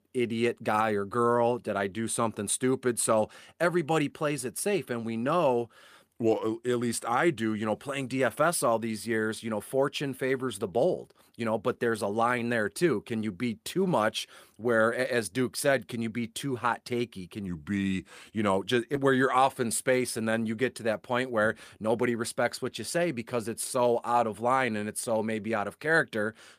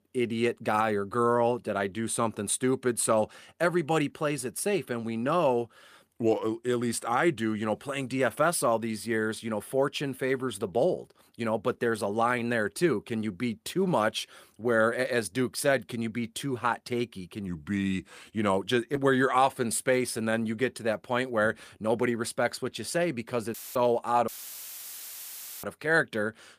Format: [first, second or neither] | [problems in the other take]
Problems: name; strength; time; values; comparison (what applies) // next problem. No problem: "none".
first | audio cutting out; filled with static; at 24 s for 1.5 s